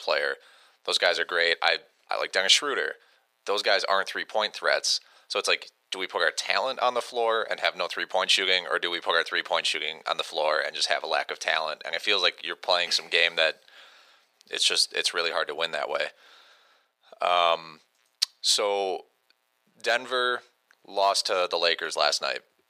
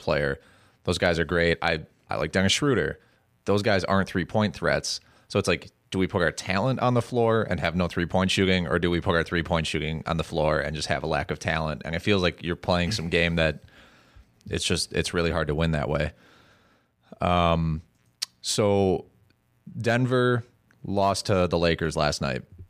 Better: second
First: thin; very; fading below 550 Hz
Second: none

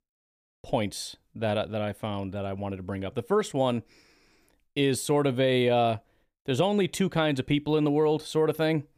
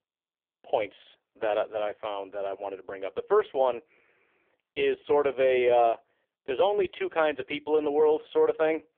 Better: first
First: none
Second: phone-call audio; poor line; nothing above 3.5 kHz

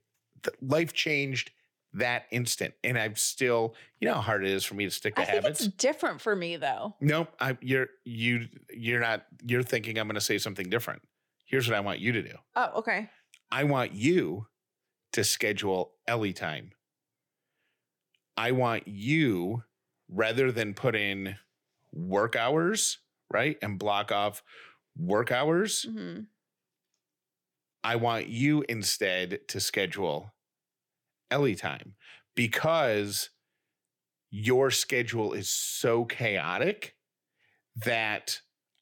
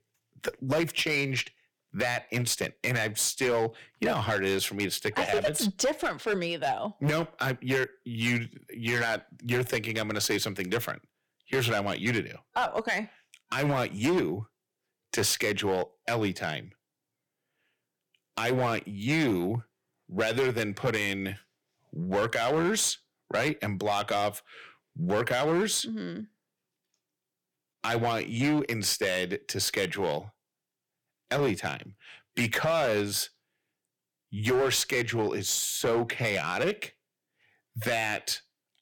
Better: first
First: none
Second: distortion; slight; 7% of the sound clipped

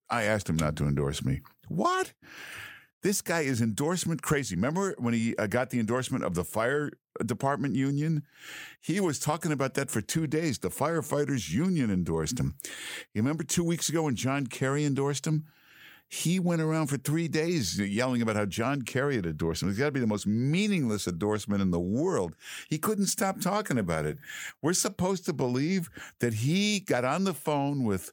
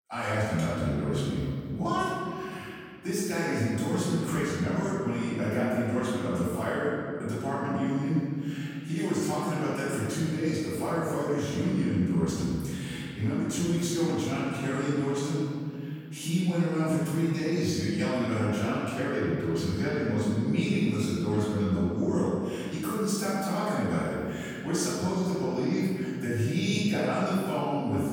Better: first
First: none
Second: off-mic speech; far // room echo; strong; dies away in 2.2 s

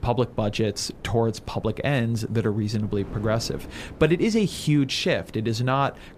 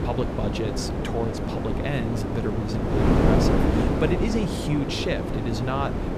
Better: first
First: wind noise on the microphone; occasional gusts; 20 dB below the speech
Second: wind noise on the microphone; heavy; 2 dB above the speech

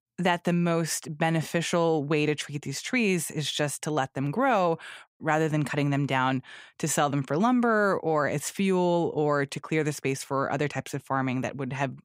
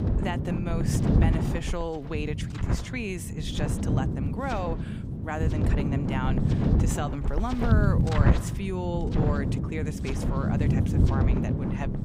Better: first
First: none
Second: wind noise on the microphone; heavy; 1 dB below the speech

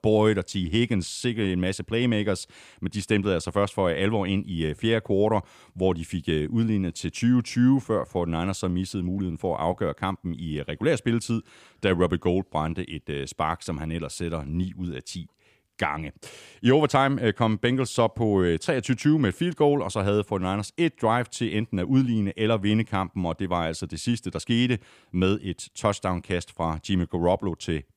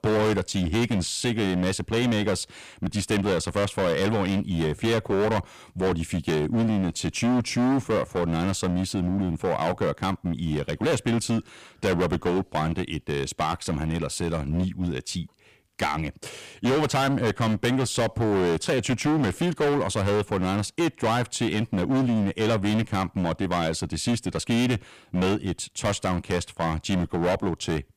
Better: first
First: none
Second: distortion; heavy; 18% of the sound clipped

